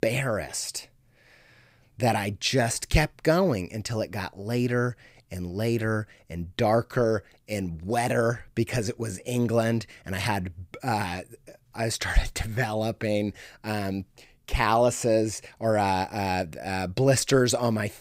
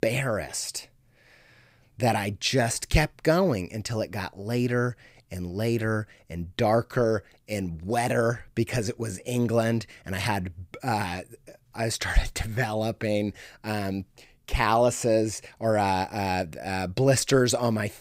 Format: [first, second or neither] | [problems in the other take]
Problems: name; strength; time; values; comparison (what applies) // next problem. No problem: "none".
neither | none